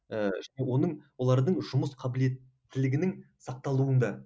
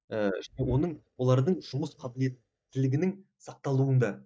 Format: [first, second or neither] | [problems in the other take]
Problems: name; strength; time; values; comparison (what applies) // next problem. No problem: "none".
first | noise reduction (neural mask model DeepFilterNet 3)